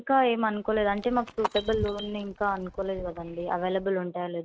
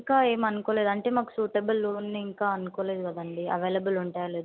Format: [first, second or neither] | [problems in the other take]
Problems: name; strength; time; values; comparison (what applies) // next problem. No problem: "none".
second | noise reduction (neural mask model RNNoise)